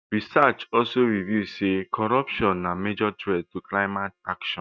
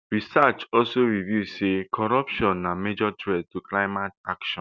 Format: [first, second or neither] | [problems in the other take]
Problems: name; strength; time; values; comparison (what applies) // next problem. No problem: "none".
second | noise reduction (neural mask model DeepFilterNet 3)